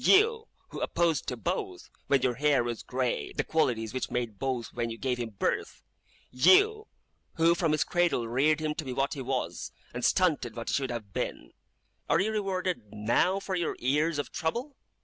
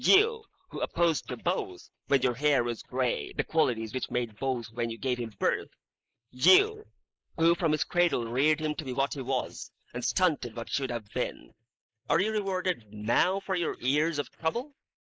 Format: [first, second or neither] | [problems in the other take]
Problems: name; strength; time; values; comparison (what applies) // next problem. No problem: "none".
first | noise reduction (neural mask model Resemble Enhance denoiser)